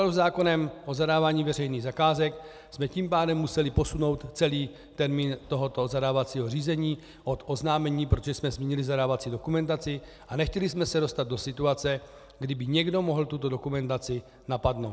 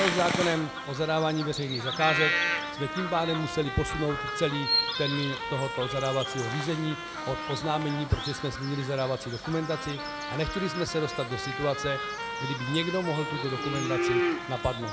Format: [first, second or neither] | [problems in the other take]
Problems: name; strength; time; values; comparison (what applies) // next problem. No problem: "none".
first | background sound (Trumpet + Bird vocalization, bird call, bird song); 2 dB below the speech